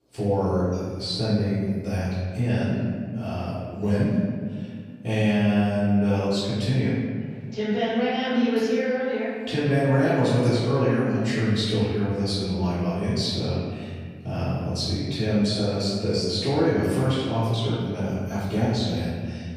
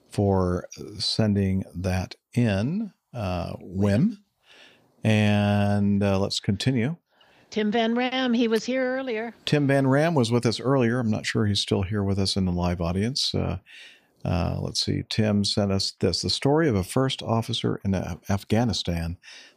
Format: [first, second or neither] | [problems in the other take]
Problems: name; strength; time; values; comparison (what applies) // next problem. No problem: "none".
second | off-mic speech; far // room echo; strong; dies away in 1.9 s